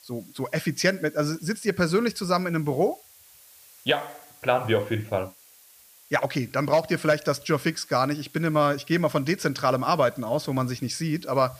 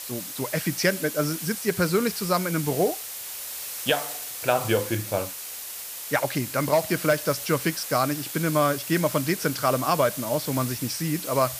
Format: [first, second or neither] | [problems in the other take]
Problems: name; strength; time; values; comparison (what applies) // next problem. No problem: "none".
first | hiss; loud; throughout; 7 dB below the speech; faint in the first